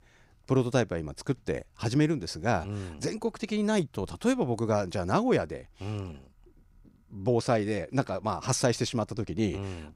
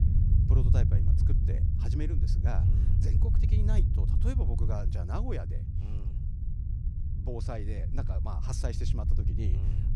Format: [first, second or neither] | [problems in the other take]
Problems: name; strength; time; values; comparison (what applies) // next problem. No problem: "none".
first | low rumble; loud; throughout; 1 dB below the speech